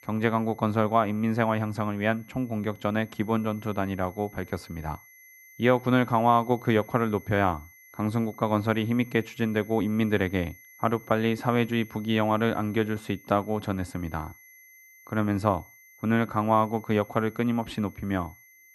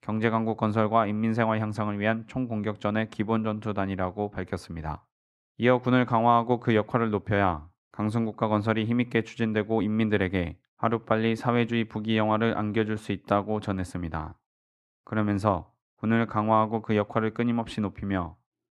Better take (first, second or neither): second